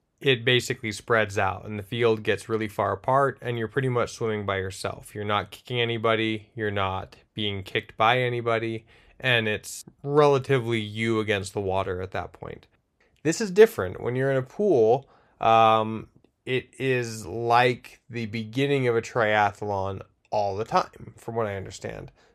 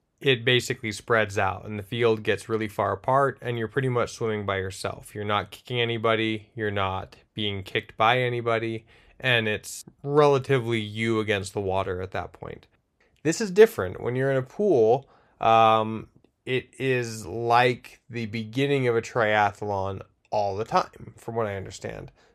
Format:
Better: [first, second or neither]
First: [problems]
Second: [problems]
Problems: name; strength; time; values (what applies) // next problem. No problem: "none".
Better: neither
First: none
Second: none